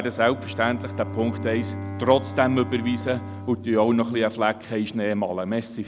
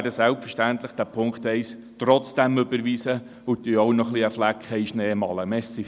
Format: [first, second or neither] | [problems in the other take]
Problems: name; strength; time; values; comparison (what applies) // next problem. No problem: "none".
second | background sound (Bowed string instrument); 11 dB below the speech